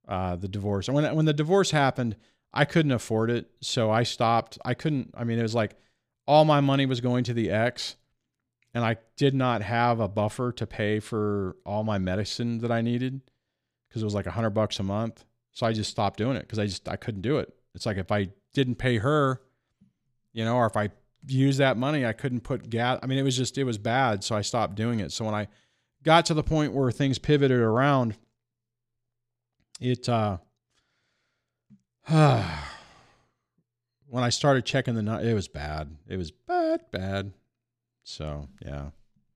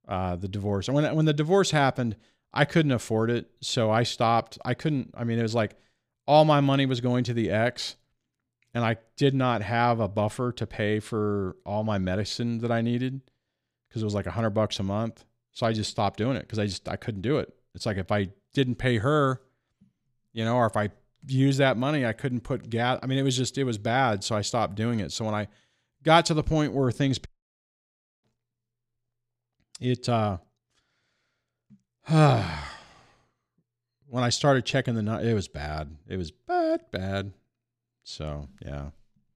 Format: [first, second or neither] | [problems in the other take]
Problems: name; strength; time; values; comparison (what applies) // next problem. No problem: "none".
first | audio cutting out; at 27 s for 1 s